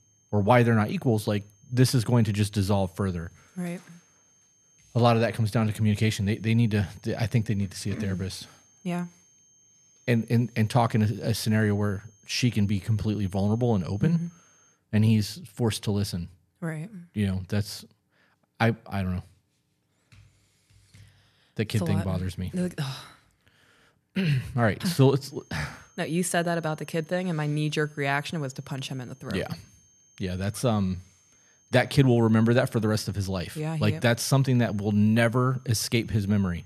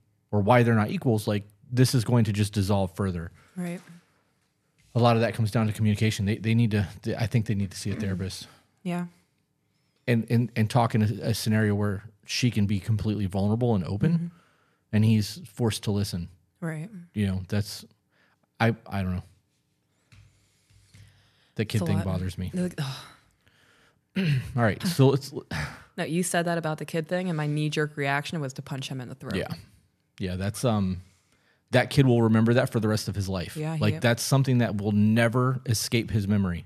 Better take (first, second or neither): second